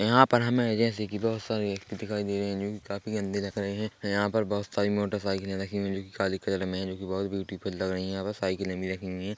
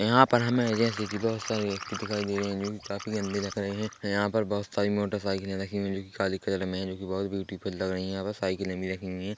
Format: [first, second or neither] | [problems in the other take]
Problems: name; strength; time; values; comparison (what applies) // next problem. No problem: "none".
first | background sound (Liquid); 13 dB below the speech